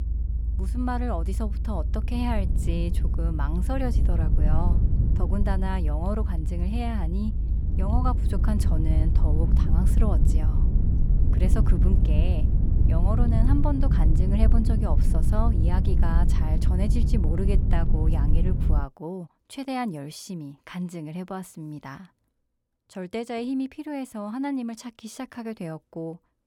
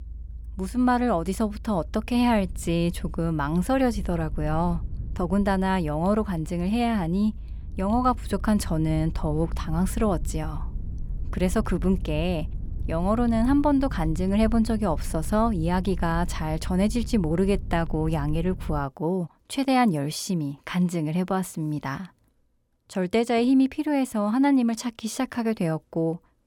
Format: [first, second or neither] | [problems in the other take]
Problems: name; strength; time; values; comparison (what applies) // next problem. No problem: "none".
second | low rumble; loud; until 19 s; 5 dB below the speech; faint in the second